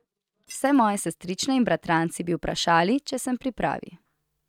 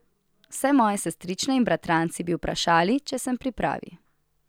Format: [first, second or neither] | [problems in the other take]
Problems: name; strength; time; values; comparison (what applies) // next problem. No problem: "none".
second | noise reduction (neural mask model RNNoise)